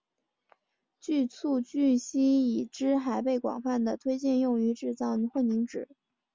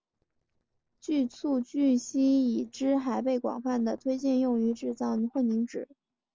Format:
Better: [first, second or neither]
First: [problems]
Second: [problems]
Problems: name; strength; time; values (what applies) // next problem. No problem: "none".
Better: first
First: none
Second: noise reduction (neural separator model SepFormer DNS4)